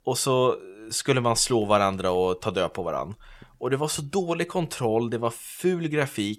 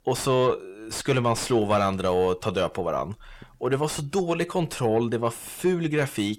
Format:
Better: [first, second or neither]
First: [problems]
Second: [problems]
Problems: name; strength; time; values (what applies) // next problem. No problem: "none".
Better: first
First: none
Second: distortion; slight; 10 dB below the speech